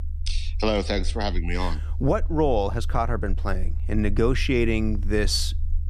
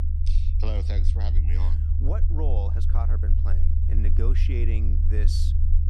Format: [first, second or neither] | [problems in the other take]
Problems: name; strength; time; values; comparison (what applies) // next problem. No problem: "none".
first | low rumble; loud; throughout; 3 dB below the speech; faint in the first